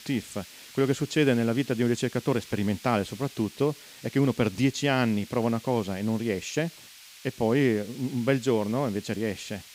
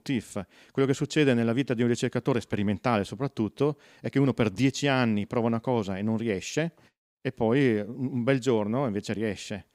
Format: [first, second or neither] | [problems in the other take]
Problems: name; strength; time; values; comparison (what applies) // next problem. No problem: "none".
second | hiss; noticeable; throughout; 20 dB below the speech